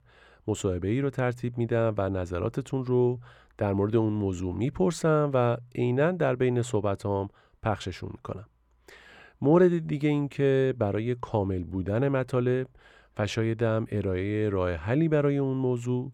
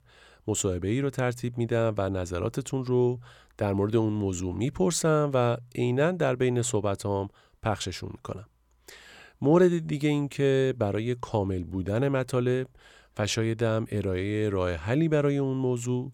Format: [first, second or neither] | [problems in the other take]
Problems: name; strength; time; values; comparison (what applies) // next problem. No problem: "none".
second | muffled; slightly; fading above 3.5 kHz